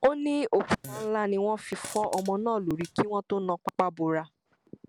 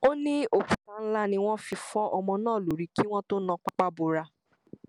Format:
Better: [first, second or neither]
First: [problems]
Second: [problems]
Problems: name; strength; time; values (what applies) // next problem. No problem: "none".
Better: second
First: background sound (Fart); 18 dB below the speech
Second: none